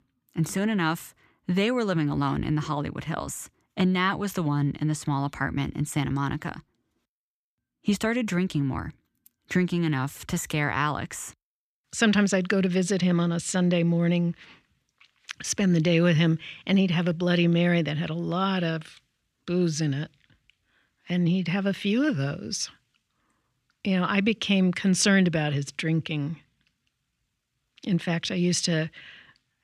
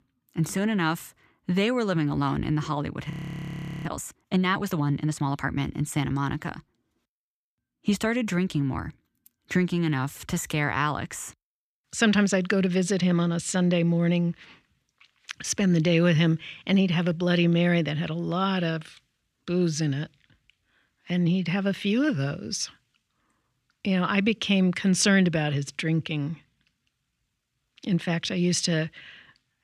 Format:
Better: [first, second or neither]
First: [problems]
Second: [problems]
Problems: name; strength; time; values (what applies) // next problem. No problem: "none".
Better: first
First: none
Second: audio freezing; at 3 s for 1 s